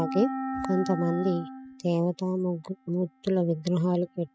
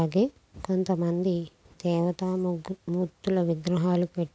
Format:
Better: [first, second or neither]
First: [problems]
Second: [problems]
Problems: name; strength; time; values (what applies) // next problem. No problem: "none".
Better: second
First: noise reduction (classical method spectral subtraction)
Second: none